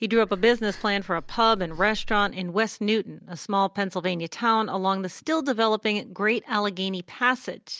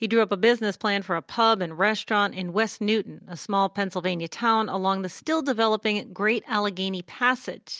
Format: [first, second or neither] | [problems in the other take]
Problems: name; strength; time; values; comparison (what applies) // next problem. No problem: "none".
second | background sound (Breathing); 12 dB below the speech